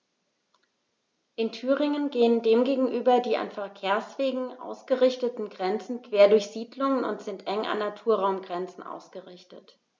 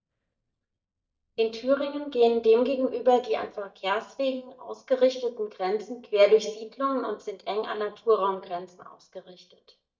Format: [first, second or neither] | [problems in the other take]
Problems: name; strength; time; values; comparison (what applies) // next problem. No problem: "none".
first | noise reduction (neural mask model DeepFilterNet 3)